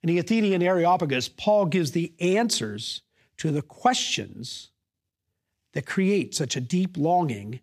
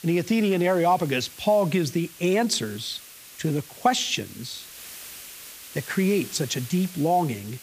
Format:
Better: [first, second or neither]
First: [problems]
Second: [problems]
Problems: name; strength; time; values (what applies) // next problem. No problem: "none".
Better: first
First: none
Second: hiss; noticeable; throughout; 15 dB below the speech